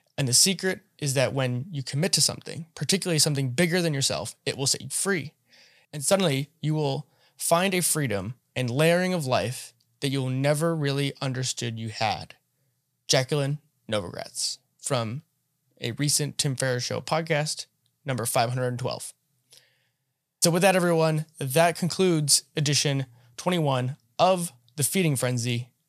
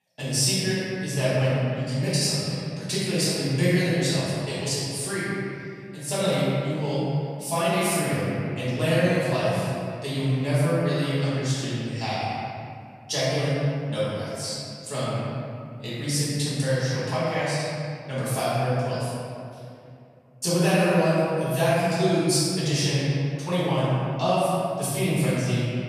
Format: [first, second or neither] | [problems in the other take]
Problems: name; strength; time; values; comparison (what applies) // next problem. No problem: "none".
first | off-mic speech; far // room echo; strong; dies away in 2.3 s